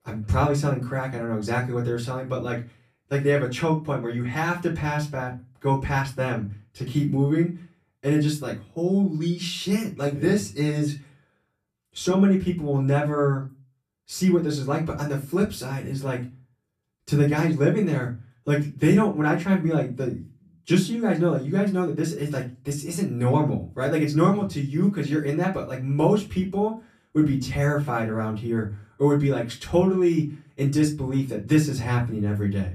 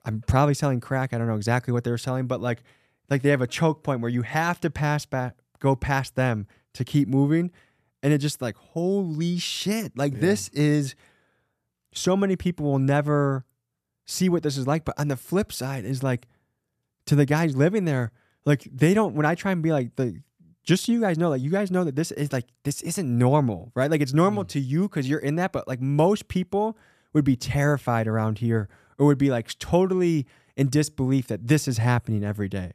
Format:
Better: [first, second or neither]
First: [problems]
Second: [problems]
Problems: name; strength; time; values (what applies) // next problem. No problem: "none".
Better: second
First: off-mic speech; far // room echo; very slight; dies away in 0.2 s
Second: none